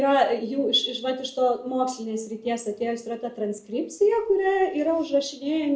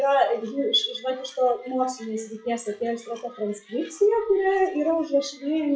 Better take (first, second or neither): first